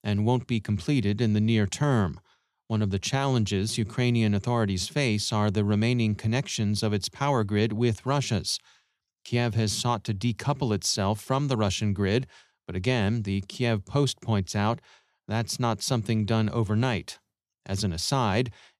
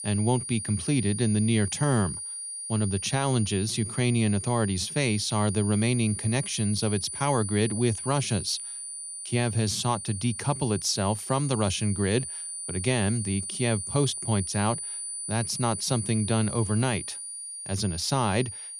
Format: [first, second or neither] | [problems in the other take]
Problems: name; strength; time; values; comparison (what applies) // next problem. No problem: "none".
first | high-pitched whine; loud; throughout; 9.5 kHz, 6 dB below the speech